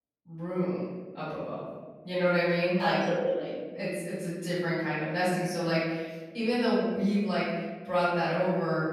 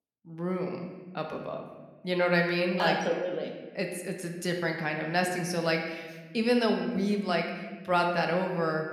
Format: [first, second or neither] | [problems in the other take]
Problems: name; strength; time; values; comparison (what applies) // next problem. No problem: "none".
second | room echo; strong; dies away in 1.4 s; slight in the second // off-mic speech; far